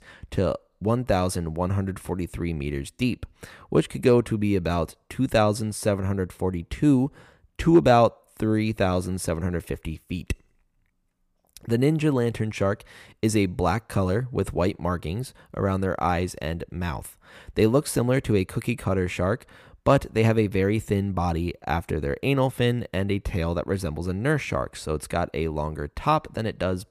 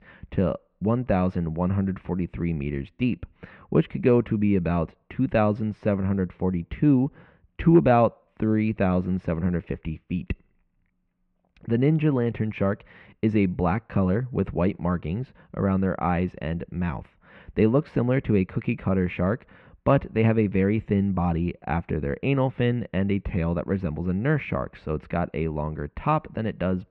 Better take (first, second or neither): first